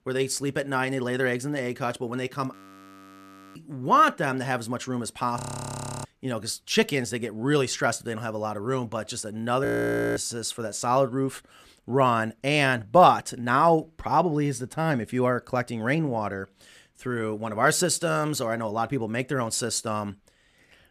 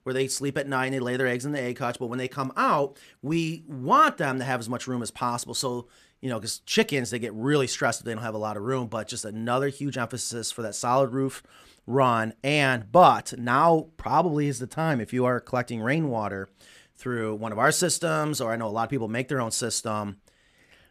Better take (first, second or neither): second